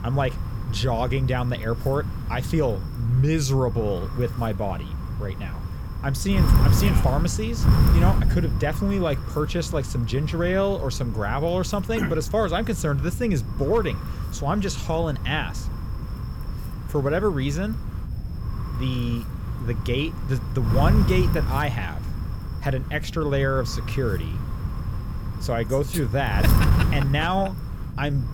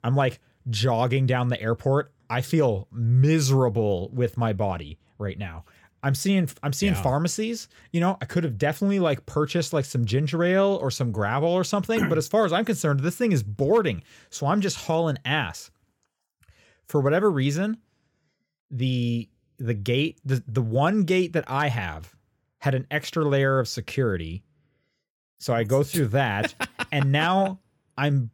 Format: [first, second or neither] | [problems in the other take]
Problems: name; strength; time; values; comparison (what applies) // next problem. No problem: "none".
second | wind noise on the microphone; heavy; 10 dB below the speech